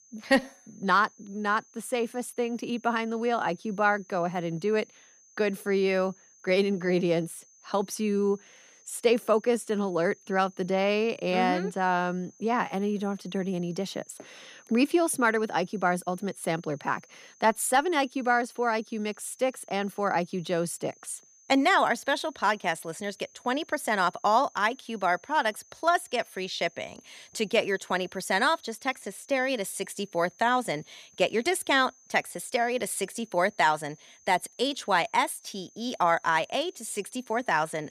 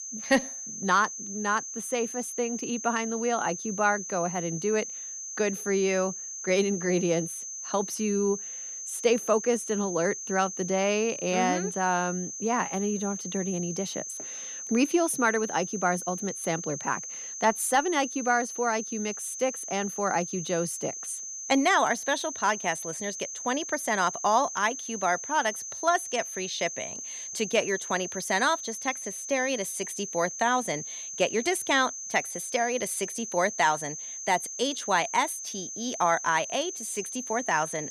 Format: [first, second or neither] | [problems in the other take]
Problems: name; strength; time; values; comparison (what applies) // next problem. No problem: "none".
first | high-pitched whine; loud; throughout; 6 kHz, 7 dB below the speech; faint in the first